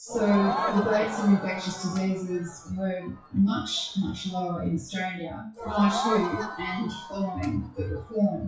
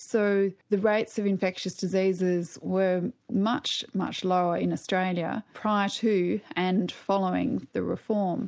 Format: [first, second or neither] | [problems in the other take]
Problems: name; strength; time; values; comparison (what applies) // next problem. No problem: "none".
second | noise reduction (classical method WPE with log-MMSE)